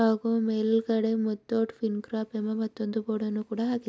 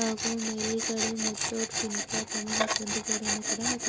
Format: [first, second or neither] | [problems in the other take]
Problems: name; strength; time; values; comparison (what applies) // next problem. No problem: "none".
first | background sound (Tools); 3 dB above the speech